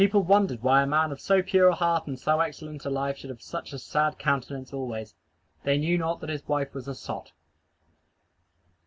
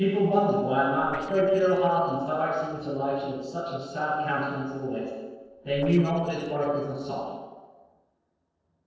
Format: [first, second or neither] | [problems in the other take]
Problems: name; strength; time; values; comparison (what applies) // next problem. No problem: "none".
first | noise reduction (neural separator model SepFormer DNS4)